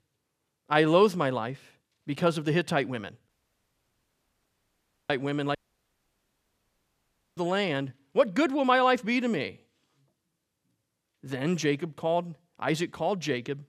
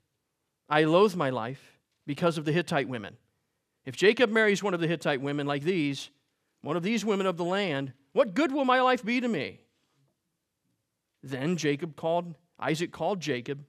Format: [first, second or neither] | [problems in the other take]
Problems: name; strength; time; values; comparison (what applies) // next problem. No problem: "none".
second | audio cutting out; at 3.5 s for 2 s and at 5.5 s for 2 s